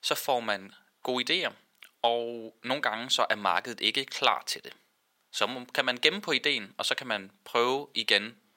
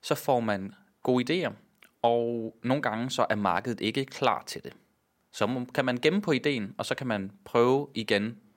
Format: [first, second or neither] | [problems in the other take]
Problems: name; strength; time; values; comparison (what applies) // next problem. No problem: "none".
second | thin; somewhat; fading below 1 kHz